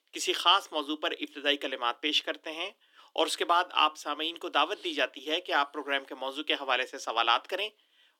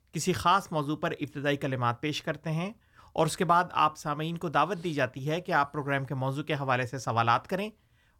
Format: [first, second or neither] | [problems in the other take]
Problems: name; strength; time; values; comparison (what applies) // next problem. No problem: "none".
second | thin; somewhat; fading below 300 Hz